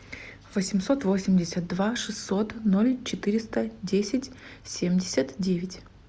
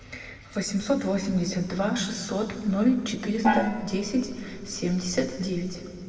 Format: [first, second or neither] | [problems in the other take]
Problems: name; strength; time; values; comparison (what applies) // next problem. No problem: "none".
first | background sound (Gong); 3 dB below the speech // room echo; dies away in 2 s